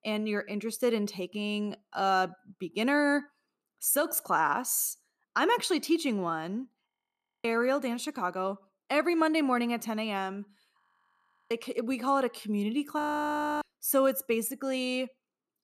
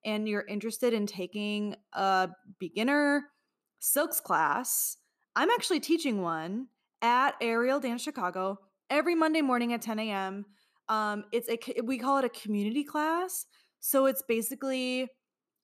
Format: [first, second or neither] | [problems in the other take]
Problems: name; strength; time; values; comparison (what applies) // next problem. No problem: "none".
second | audio freezing; at 7 s for 0.5 s, at 11 s for 0.5 s and at 13 s for 0.5 s